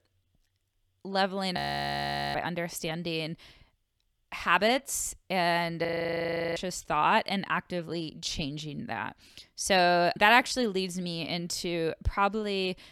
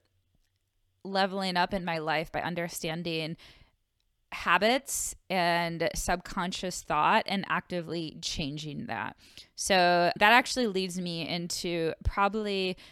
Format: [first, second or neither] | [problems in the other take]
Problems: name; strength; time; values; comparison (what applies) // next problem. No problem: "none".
second | audio freezing; at 1.5 s for 1 s and at 6 s for 0.5 s